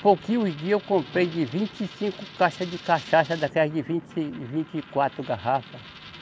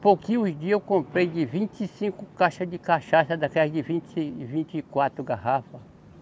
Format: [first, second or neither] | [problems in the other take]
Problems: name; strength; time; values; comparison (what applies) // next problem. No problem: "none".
second | background sound (Coin (dropping)); 19 dB below the speech